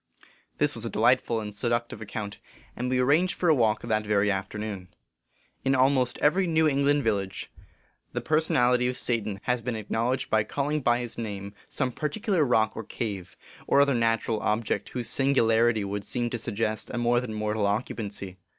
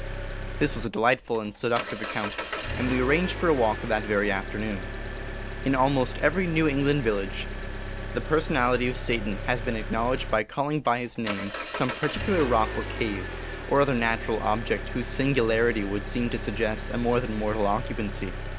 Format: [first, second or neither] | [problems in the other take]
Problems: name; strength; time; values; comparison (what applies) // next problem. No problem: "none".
first | background sound (Engine); 6 dB below the speech